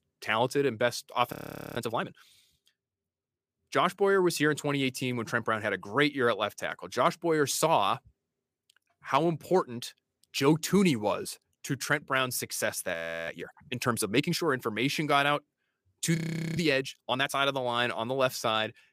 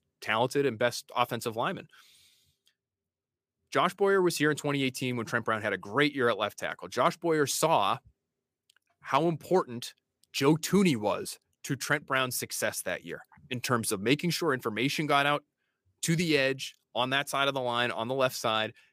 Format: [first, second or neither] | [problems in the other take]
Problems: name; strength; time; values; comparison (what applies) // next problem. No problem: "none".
second | audio freezing; at 1.5 s, at 13 s and at 16 s